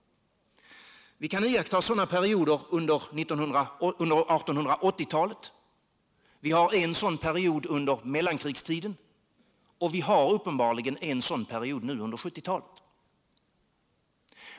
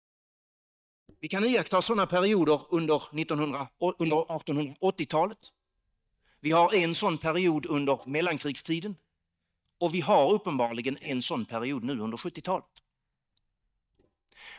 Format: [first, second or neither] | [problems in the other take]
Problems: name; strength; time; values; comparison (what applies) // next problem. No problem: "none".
first | noise reduction (neural mask model DeepFilterNet 3)